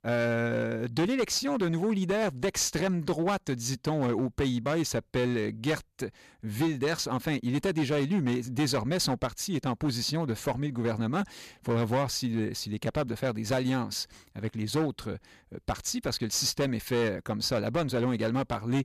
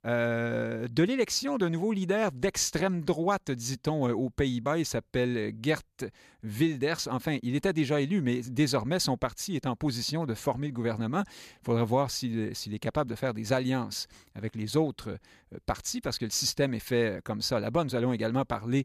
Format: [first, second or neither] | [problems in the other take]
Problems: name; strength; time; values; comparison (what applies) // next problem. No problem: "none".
second | distortion; slight; 9% of the sound clipped